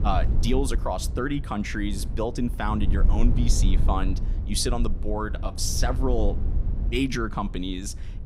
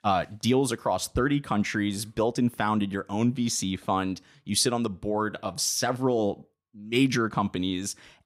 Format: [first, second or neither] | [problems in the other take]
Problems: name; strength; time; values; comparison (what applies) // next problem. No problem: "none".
second | low rumble; noticeable; throughout; 15 dB below the speech